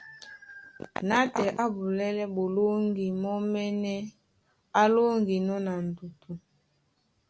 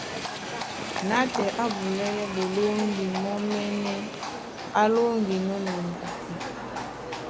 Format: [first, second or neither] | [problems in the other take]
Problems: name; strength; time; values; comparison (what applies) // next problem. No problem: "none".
first | background sound (Livestock, farm animals, working animals); 6 dB below the speech